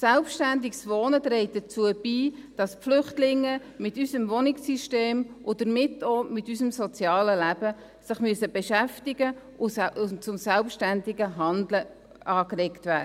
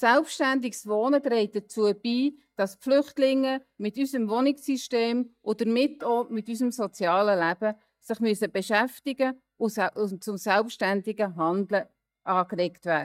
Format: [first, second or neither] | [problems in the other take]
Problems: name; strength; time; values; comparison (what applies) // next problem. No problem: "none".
first | noise reduction (neural mask model DeepFilterNet 3)